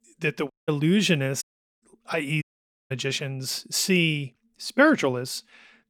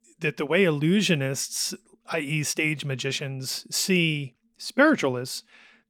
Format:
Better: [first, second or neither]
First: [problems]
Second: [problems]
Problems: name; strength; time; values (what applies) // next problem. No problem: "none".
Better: second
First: audio cutting out; at 0.5 s, at 1.5 s and at 2.5 s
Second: none